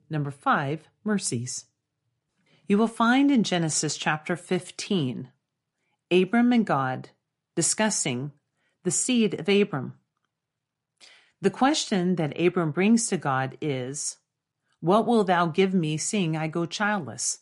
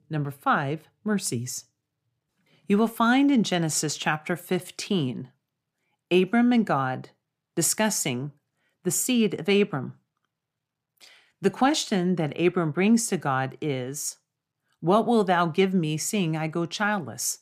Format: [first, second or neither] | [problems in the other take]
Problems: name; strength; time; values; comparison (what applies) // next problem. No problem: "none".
second | garbled, watery; slightly; nothing above 11 kHz